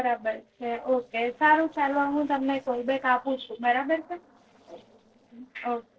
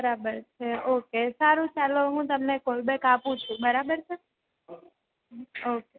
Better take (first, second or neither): second